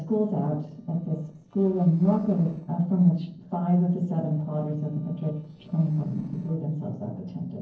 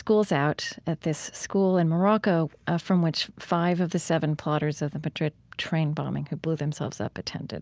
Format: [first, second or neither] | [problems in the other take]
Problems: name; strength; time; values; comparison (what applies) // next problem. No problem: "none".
second | noise reduction (neural separator model SepFormer DNS4)